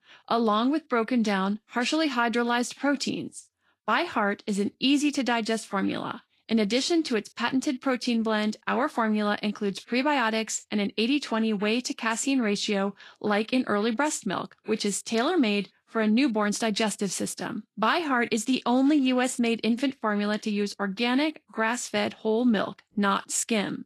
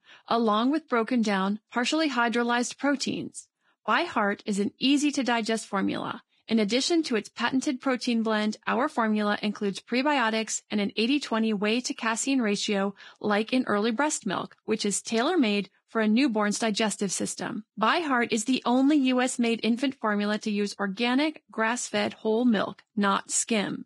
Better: first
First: garbled, watery; slightly; nothing above 11.5 kHz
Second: garbled, watery; badly; nothing above 10 kHz

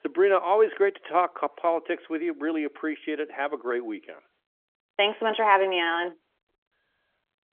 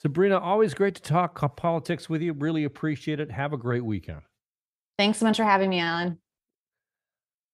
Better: second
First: phone-call audio; nothing above 3.5 kHz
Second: none

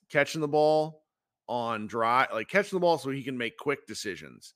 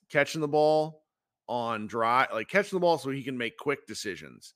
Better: neither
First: none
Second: none

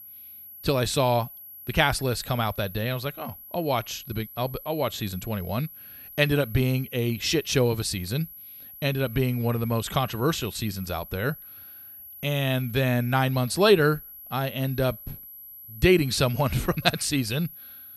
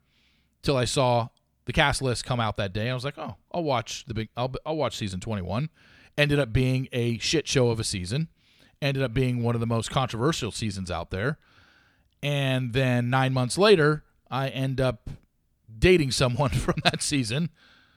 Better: second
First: high-pitched whine; noticeable; throughout; 11.5 kHz, 15 dB below the speech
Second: none

